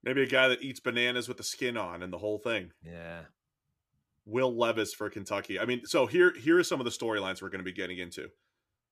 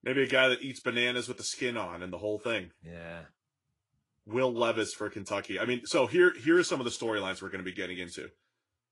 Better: first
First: none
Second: garbled, watery; slightly; nothing above 11 kHz

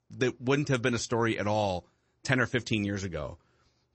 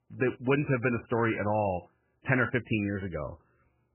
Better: first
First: garbled, watery; slightly; nothing above 8 kHz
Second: garbled, watery; badly; nothing above 2.5 kHz

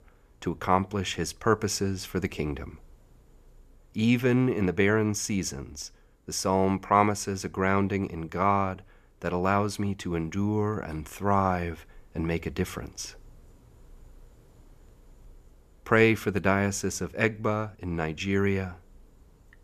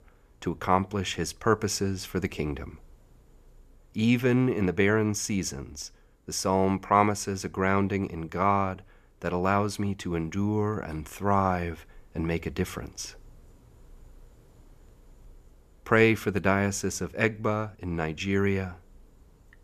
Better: neither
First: none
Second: none

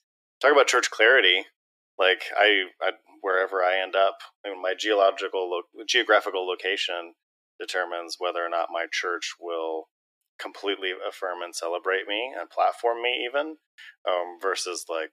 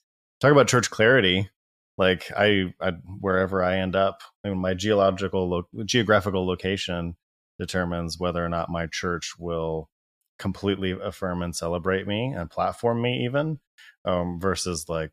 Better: second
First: thin; very; fading below 300 Hz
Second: none

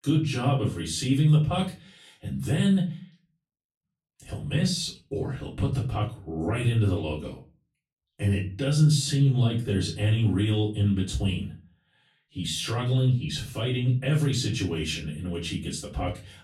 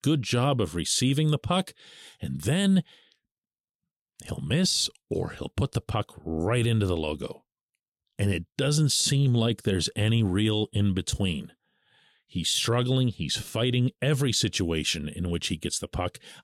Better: second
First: room echo; slight; dies away in 0.3 s // off-mic speech; far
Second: none

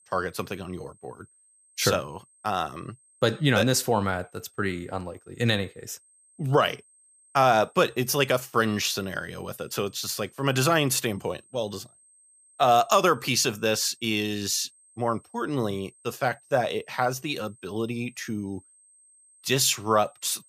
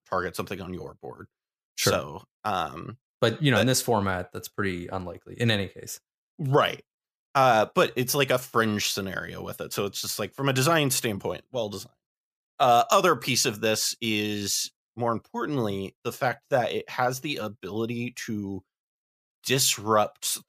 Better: second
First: high-pitched whine; faint; throughout; 8.5 kHz, 30 dB below the speech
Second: none

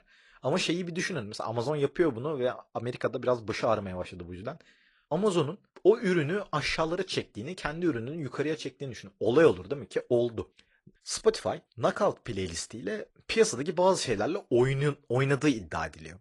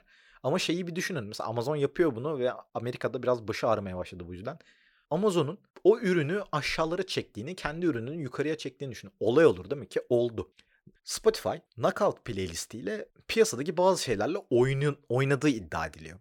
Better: second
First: garbled, watery; slightly; nothing above 10 kHz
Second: none

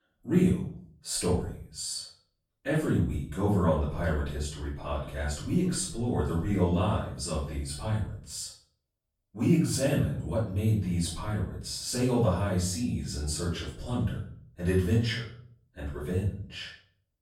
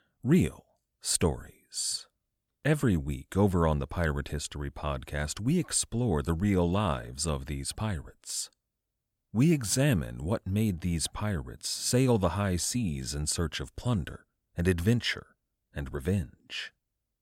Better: second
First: off-mic speech; far // room echo; noticeable; dies away in 0.5 s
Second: none

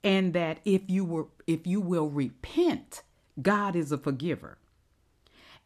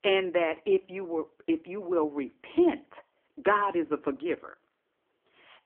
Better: first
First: none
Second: phone-call audio; poor line; nothing above 3 kHz

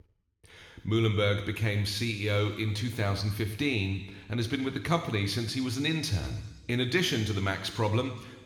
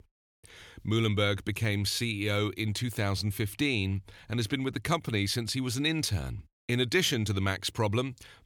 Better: second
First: room echo; slight; dies away in 1.4 s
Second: none

